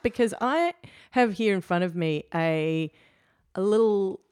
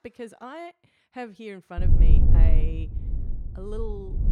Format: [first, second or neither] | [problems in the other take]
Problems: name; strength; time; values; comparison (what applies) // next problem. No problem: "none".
first | wind noise on the microphone; heavy; from 2 s on; 2 dB below the speech